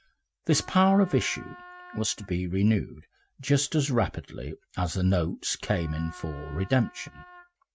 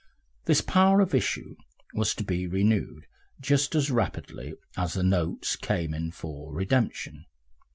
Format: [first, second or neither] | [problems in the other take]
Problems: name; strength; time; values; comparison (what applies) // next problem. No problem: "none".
second | noise reduction (neural mask model RNNoise)